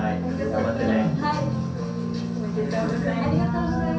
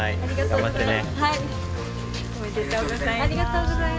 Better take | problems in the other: second | room echo; dies away in 0.6 s

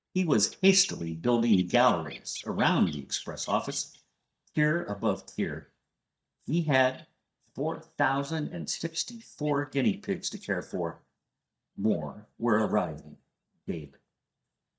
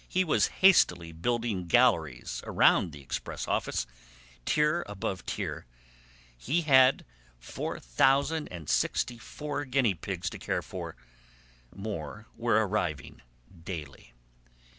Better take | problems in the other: second | noise reduction (neural mask model DeepFilterNet 3)

